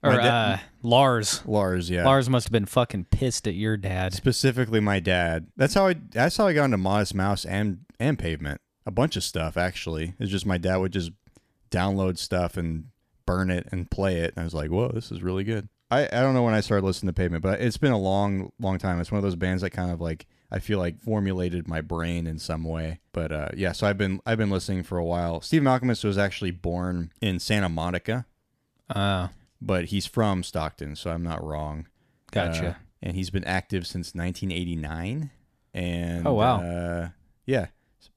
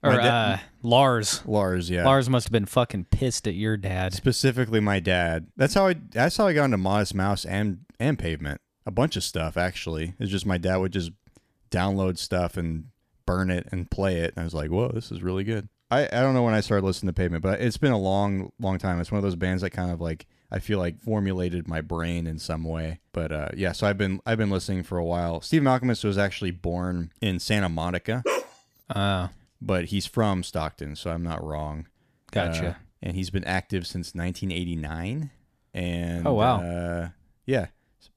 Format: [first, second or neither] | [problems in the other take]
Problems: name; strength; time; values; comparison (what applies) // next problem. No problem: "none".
first | dog barking; noticeable; at 28 s; peak 2 dB below the speech